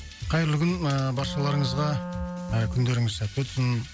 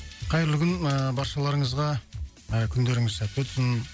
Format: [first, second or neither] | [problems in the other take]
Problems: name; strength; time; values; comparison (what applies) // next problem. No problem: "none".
second | background sound (Wind instrument, woodwind instrument); 9 dB below the speech